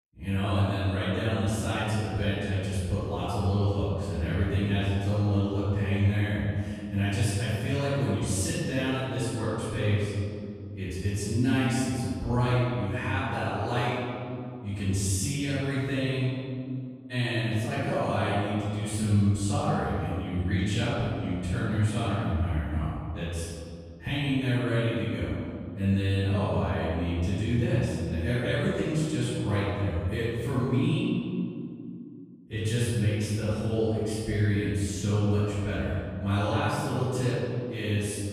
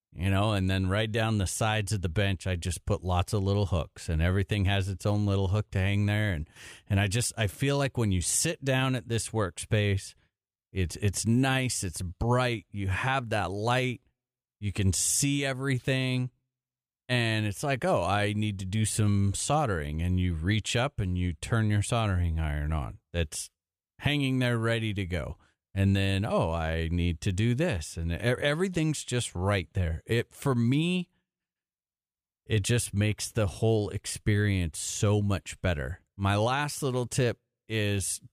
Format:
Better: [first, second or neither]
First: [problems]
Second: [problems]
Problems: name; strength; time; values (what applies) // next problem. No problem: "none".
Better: second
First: off-mic speech; far // room echo; strong; dies away in 2.5 s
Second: none